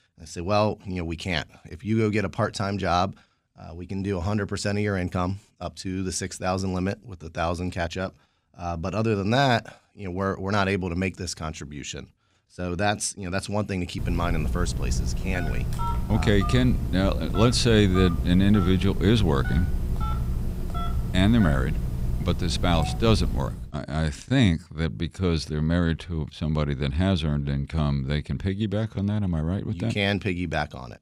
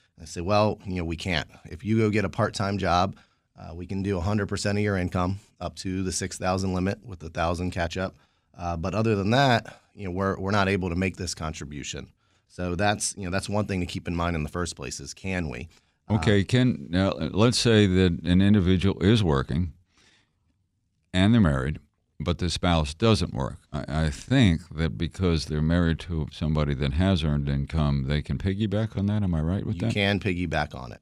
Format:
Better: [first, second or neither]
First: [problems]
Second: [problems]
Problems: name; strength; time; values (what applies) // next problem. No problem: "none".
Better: second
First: phone ringing; noticeable; from 14 to 24 s; peak 2 dB below the speech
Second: none